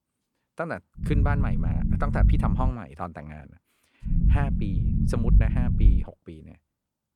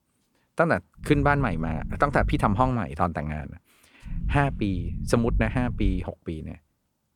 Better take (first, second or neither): second